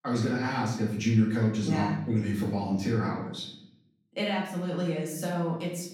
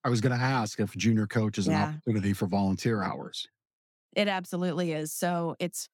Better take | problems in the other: second | off-mic speech; far // room echo; noticeable; dies away in 0.7 s

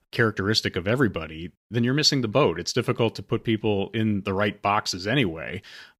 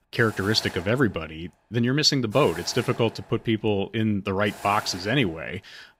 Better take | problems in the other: first | hiss; noticeable; throughout; 15 dB below the speech

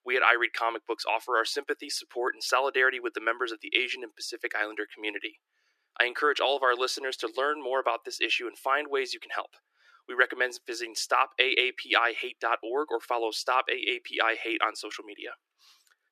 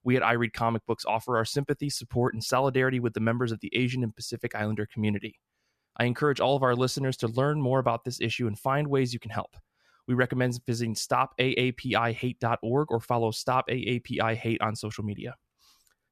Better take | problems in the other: second | thin; very; fading below 300 Hz

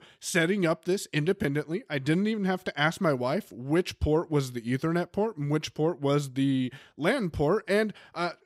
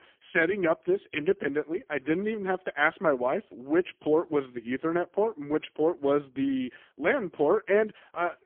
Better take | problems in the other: first | phone-call audio; poor line; nothing above 3.5 kHz

